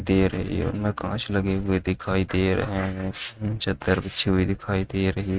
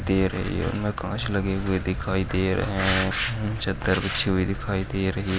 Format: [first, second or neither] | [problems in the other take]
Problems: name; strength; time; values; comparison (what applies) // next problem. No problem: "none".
second | noise reduction (neural mask model RNNoise)